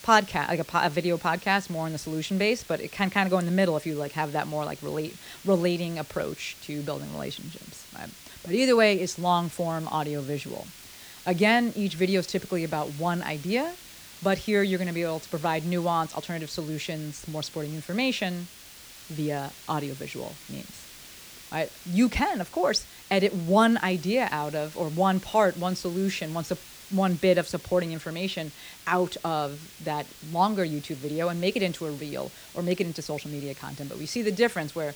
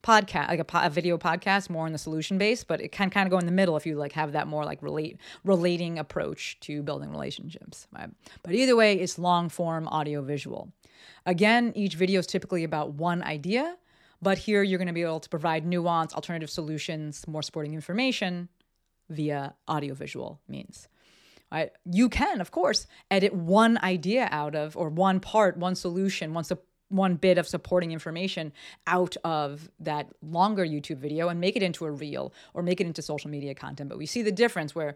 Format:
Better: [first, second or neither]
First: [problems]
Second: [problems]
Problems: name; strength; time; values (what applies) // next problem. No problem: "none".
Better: second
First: hiss; noticeable; throughout; 15 dB below the speech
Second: none